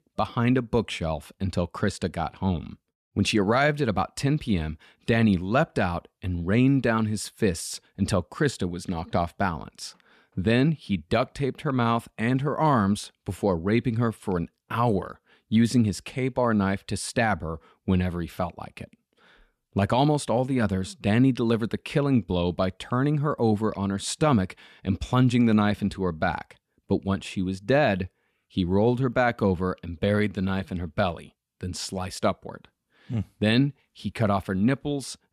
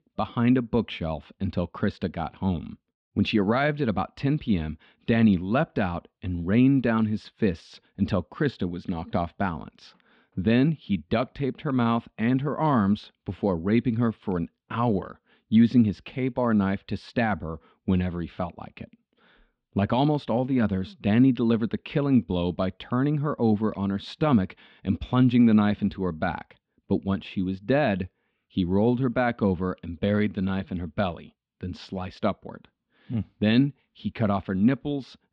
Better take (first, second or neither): first